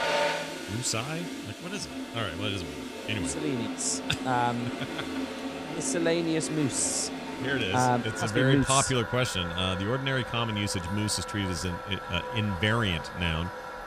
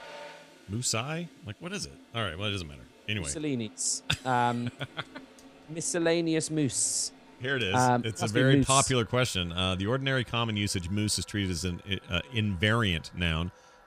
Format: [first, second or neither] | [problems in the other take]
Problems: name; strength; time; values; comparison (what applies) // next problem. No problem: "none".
second | household noises; loud; throughout; 7 dB below the speech; faint in the second